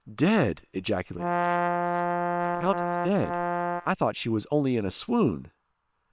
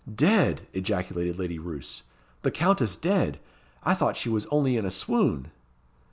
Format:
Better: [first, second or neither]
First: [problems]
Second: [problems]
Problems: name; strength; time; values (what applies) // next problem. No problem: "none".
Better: second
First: noise reduction (neural separator model SepFormer WHAM!)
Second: none